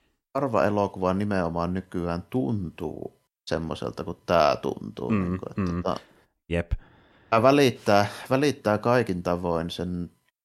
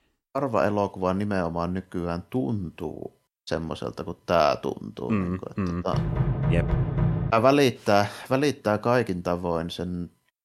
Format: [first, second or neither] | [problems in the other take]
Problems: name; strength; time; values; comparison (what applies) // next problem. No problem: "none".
first | door banging; loud; from 6 to 7.5 s; peak 1 dB above the speech